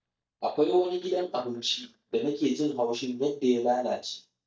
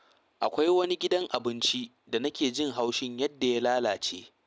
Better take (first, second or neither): second